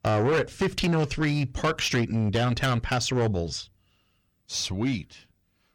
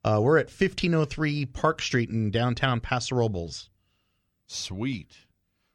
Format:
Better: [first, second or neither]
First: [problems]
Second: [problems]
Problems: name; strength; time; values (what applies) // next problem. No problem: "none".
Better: second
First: distortion; heavy; 7 dB below the speech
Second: none